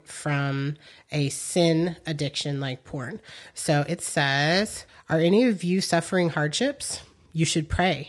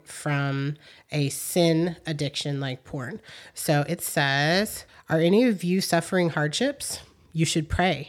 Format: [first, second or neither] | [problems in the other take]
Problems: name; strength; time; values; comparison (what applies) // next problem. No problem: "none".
second | garbled, watery; slightly; nothing above 10.5 kHz